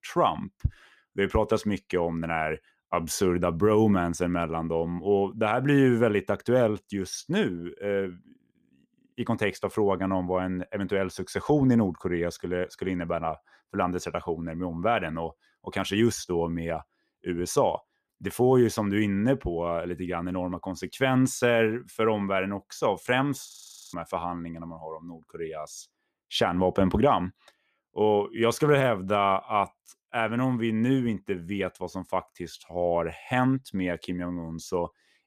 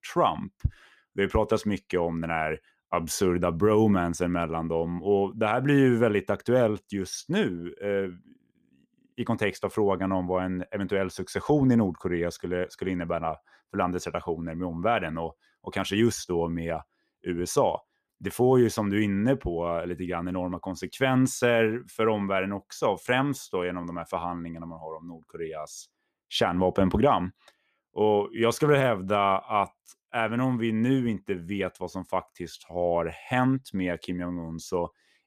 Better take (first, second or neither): second